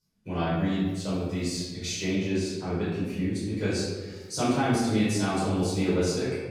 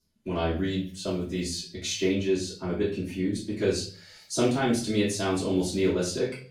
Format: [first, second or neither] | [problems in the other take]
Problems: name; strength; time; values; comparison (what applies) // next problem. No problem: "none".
second | room echo; strong; dies away in 1.3 s; slight in the second // off-mic speech; far; far in the second